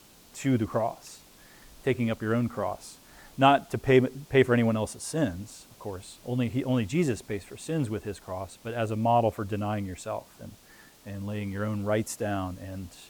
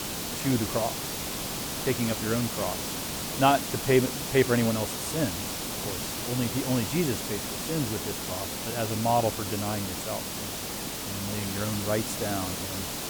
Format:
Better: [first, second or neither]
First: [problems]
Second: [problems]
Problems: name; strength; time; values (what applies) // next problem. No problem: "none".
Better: first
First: hiss; faint; throughout; 25 dB below the speech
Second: hiss; loud; throughout; 2 dB below the speech